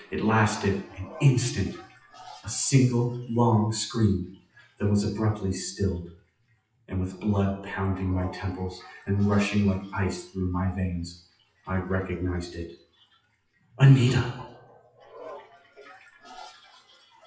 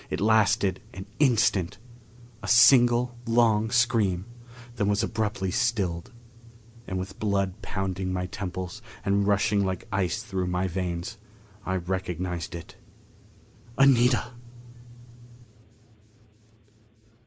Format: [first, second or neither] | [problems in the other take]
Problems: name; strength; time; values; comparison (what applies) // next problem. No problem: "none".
second | noise reduction (classical method WPE with log-MMSE)